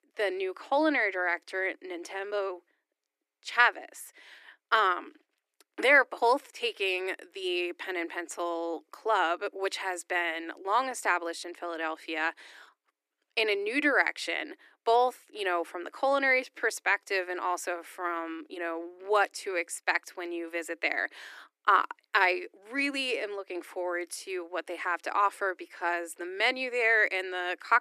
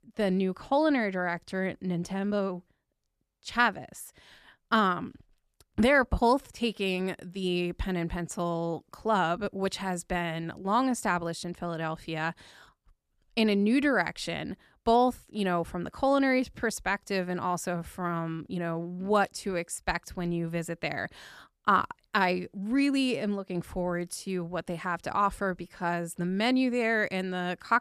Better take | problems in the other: second | thin; very; fading below 300 Hz

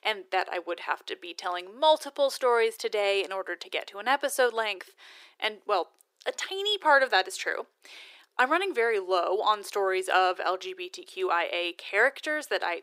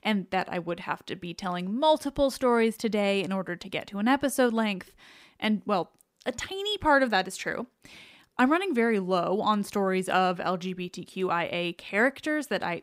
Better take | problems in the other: second | thin; very; fading below 350 Hz

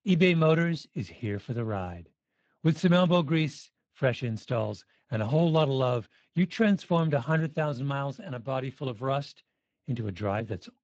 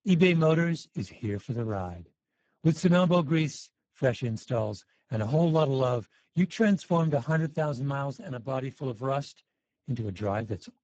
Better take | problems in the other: first | garbled, watery; badly; nothing above 7.5 kHz; slightly in the first

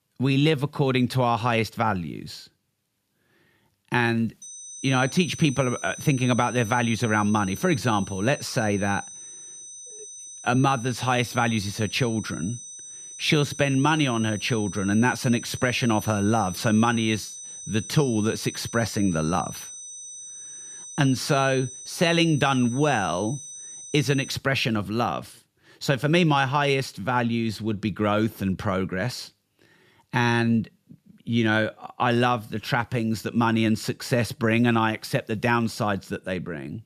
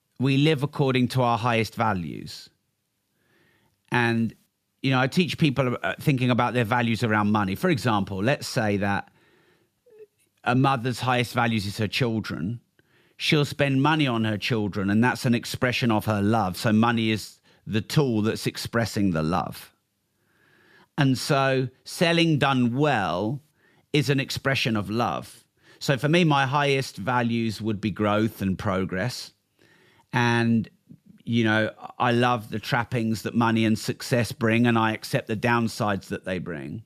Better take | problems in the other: second | high-pitched whine; noticeable; from 4.5 to 24 s; 6 kHz, 15 dB below the speech

